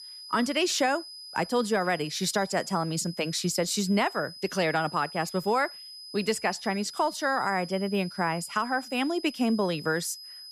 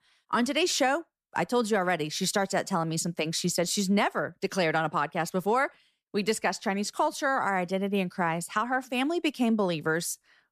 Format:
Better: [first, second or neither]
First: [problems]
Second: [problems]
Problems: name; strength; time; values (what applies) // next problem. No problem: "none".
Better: second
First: high-pitched whine; noticeable; throughout; 5 kHz, 15 dB below the speech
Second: none